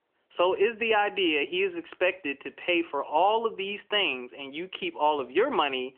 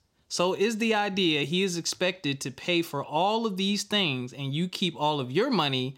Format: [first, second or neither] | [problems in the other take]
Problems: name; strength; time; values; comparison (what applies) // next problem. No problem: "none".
second | phone-call audio; nothing above 3 kHz